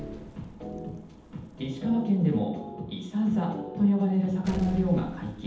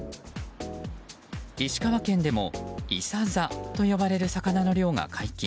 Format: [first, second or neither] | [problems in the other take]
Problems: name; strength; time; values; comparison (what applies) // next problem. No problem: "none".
second | background sound (Explosion); 18 dB below the speech // room echo; dies away in 0.8 s